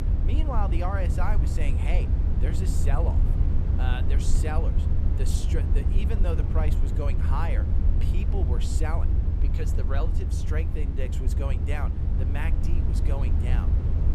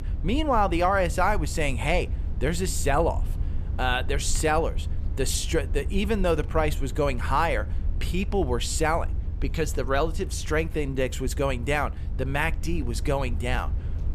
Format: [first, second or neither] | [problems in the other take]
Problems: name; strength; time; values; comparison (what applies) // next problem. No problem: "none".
second | low rumble; loud; throughout; 4 dB below the speech; faint in the second